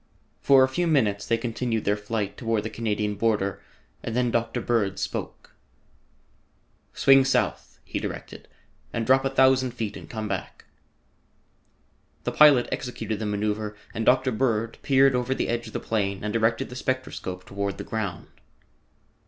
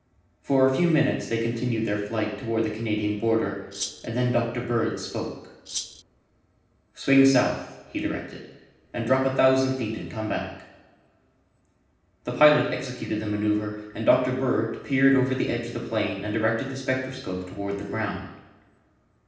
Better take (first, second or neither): first